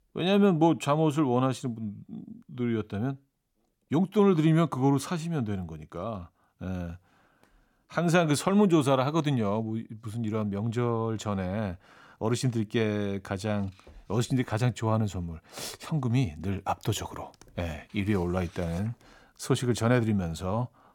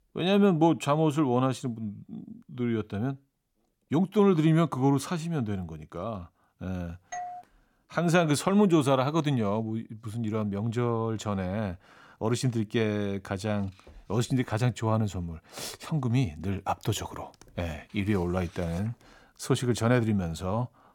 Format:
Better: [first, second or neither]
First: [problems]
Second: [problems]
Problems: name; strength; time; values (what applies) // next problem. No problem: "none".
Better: first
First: none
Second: doorbell; faint; at 7 s; peak 10 dB below the speech